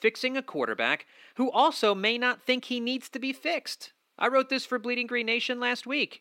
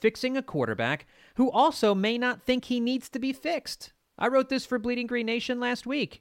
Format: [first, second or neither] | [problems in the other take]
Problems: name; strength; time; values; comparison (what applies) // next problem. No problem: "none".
second | thin; very slightly; fading below 250 Hz